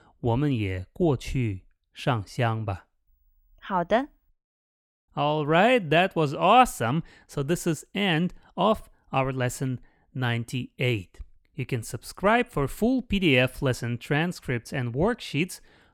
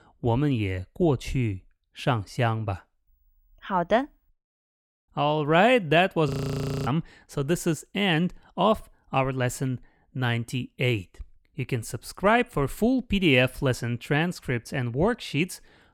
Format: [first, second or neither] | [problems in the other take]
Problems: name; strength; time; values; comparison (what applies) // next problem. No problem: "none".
first | audio freezing; at 6.5 s for 0.5 s